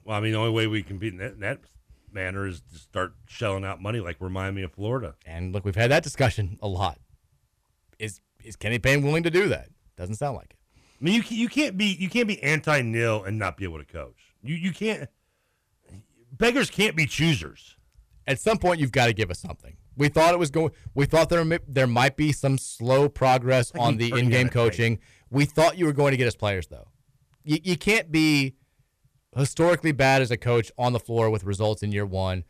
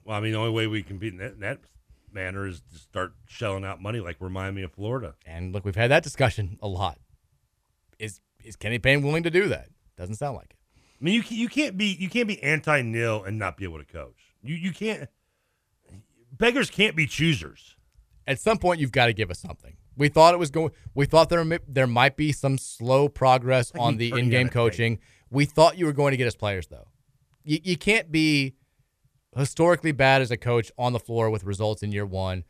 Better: second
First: distortion; slight; 3% of the sound clipped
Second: none

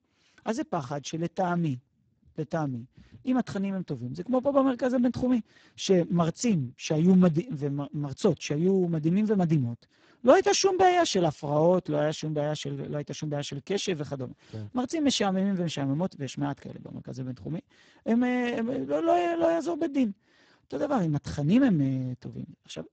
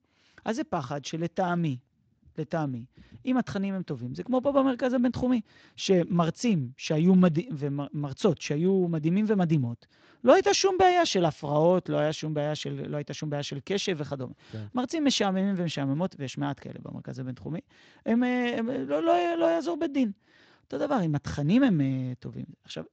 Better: second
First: garbled, watery; badly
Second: garbled, watery; slightly

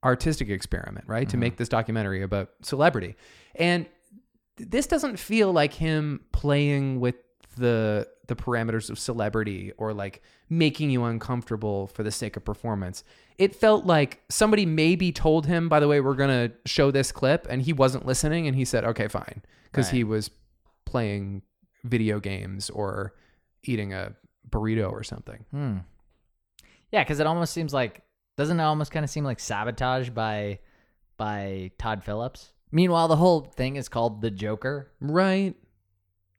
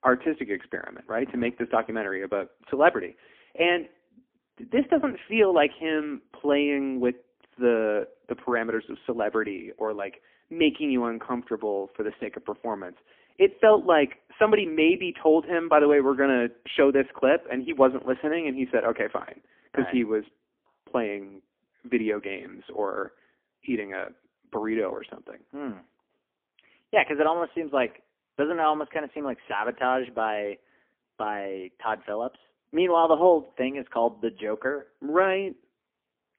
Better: first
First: none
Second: phone-call audio; poor line; nothing above 3 kHz

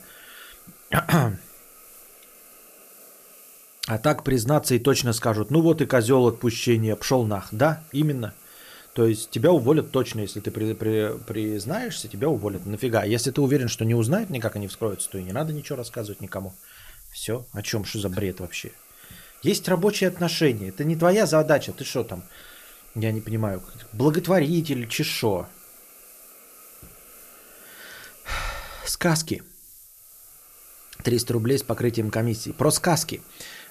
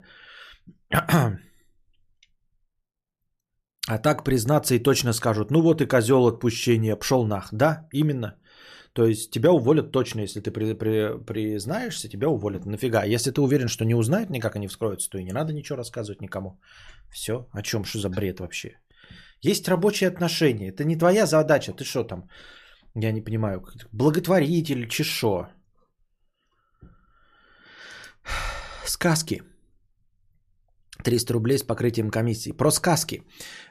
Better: second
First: hiss; faint; throughout; 20 dB below the speech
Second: none

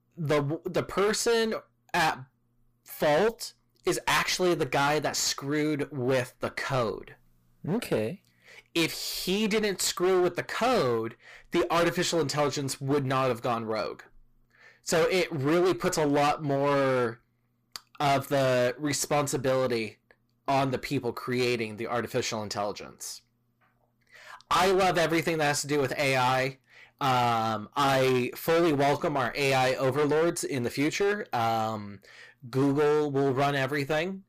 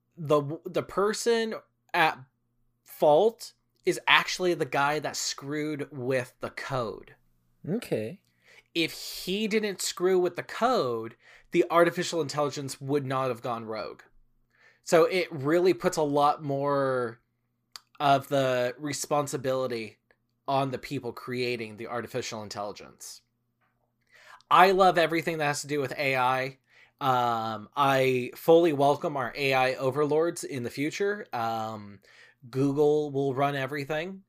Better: second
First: distortion; heavy; 16% of the sound clipped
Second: none

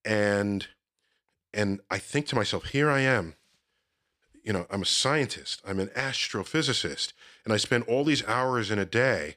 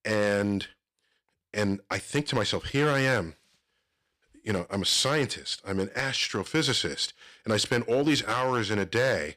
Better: first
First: none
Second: distortion; slight; 3% of the sound clipped

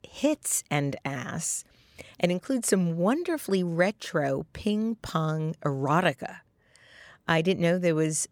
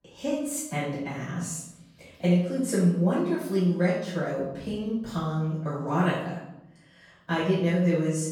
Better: first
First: none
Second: room echo; noticeable; dies away in 0.8 s // off-mic speech; far

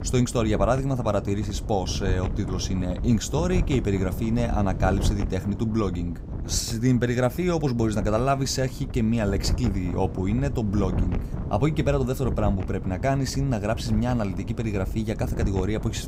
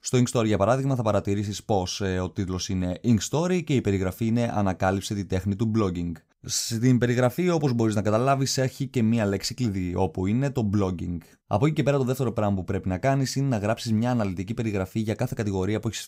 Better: second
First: wind noise on the microphone; occasional gusts; 15 dB below the speech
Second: none

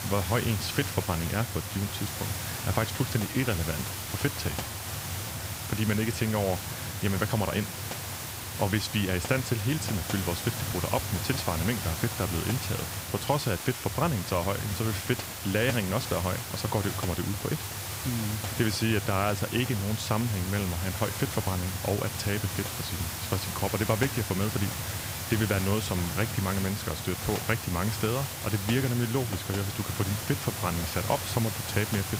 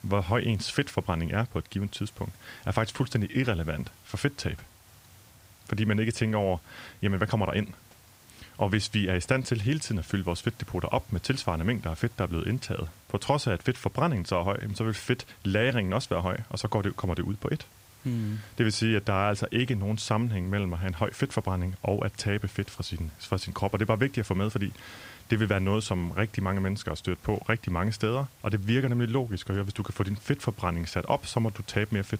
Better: second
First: hiss; loud; throughout; 3 dB below the speech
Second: hiss; faint; throughout; 25 dB below the speech

